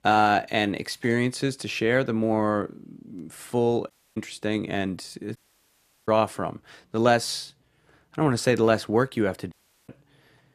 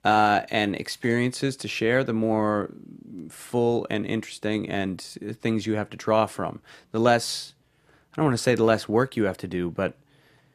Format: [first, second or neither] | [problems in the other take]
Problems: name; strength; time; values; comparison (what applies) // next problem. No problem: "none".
second | audio cutting out; at 4 s, at 5.5 s for 0.5 s and at 9.5 s